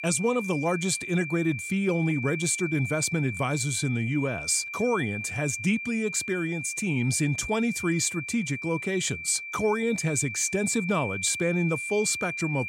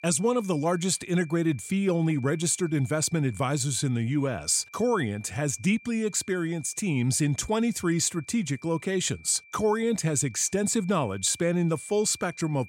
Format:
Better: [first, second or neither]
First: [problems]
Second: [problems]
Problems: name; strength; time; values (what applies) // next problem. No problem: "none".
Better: second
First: high-pitched whine; loud; throughout; 2.5 kHz, 7 dB below the speech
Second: high-pitched whine; faint; throughout; 2.5 kHz, 25 dB below the speech